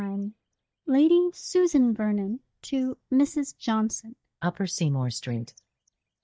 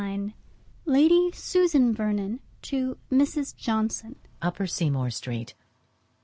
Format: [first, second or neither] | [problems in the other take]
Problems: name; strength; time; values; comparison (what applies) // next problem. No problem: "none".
second | noise reduction (neural mask model DeepFilterNet 3)